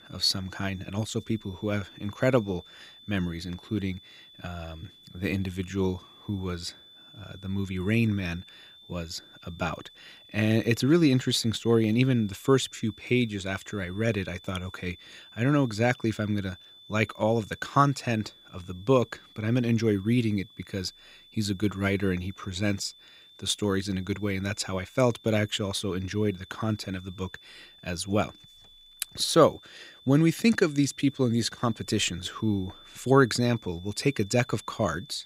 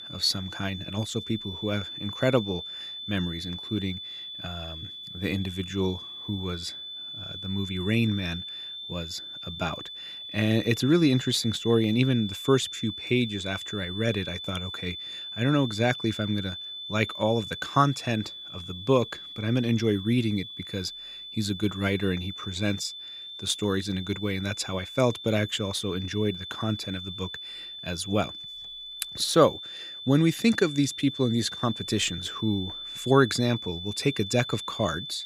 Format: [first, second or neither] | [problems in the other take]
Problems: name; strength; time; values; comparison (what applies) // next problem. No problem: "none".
first | high-pitched whine; loud; throughout; 3.5 kHz, 9 dB below the speech; faint in the first